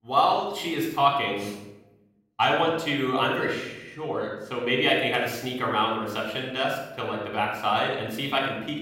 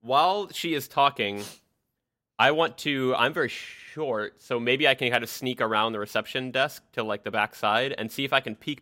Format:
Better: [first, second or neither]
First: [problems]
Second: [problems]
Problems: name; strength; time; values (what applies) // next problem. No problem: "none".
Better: second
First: off-mic speech; somewhat distant // room echo; noticeable; dies away in 0.7 s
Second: none